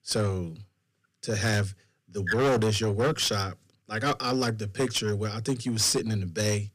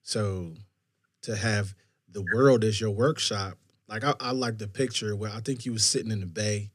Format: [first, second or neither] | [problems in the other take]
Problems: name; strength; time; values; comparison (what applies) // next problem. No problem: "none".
second | distortion; heavy; 9% of the sound clipped